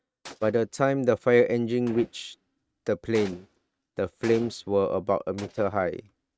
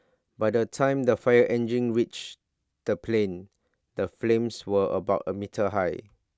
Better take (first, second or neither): second